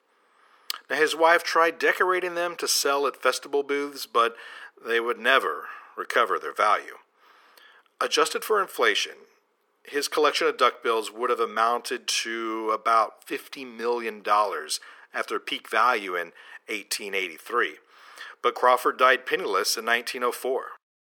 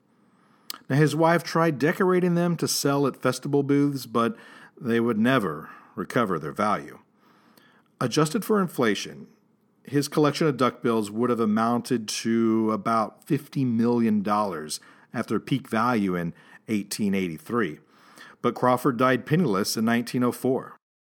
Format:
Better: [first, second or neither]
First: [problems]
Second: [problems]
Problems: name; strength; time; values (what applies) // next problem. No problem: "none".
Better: second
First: thin; very; fading below 450 Hz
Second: none